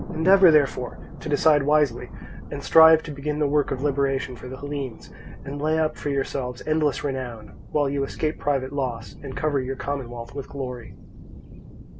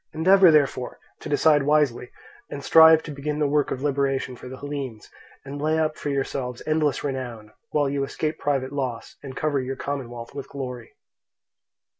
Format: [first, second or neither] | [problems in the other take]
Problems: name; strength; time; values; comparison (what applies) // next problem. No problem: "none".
second | background sound (Thunder); 13 dB below the speech